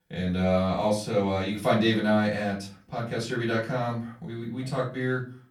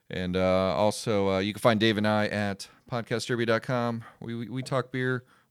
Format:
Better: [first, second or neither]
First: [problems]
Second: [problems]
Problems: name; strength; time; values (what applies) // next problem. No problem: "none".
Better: second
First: off-mic speech; far // room echo; slight; dies away in 0.3 s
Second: none